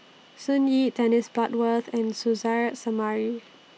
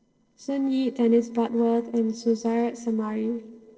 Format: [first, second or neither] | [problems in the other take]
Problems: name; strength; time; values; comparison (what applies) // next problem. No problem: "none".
first | noise reduction (neural separator model SepFormer DNS4)